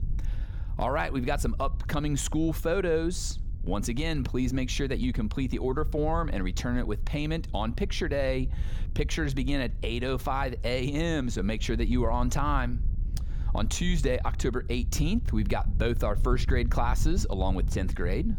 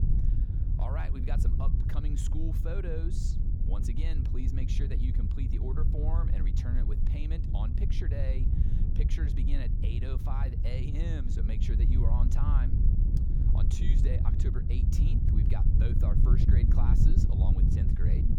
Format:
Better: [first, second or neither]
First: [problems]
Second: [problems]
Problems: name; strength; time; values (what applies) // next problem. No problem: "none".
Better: first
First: wind noise on the microphone; occasional gusts; 20 dB below the speech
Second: wind noise on the microphone; heavy; as loud as the speech